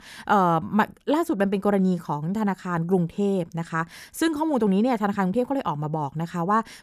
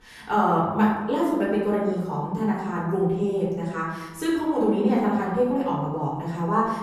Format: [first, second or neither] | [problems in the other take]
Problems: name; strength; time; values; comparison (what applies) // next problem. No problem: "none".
first | room echo; noticeable; dies away in 1 s // off-mic speech; far